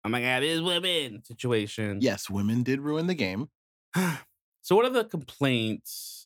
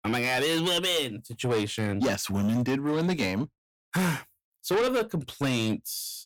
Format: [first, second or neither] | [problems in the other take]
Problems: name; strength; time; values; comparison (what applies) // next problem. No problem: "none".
first | distortion; heavy; 7 dB below the speech